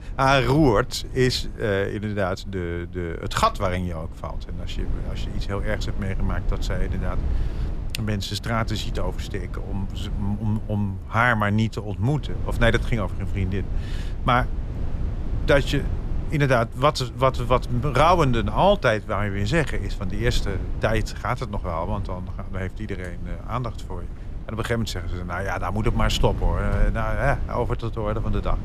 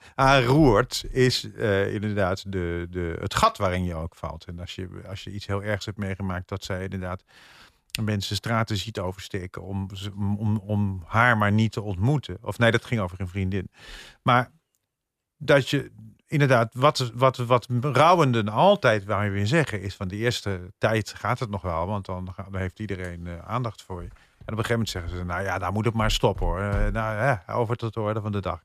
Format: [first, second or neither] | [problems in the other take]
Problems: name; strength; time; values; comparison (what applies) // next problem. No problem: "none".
second | low rumble; noticeable; throughout; 20 dB below the speech